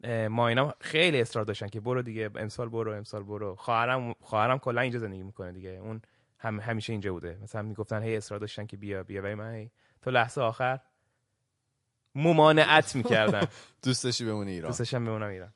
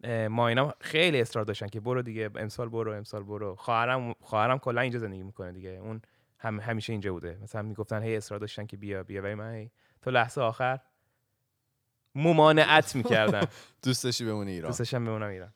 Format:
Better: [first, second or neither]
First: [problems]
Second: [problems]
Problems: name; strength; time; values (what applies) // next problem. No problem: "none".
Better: second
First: garbled, watery; slightly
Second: none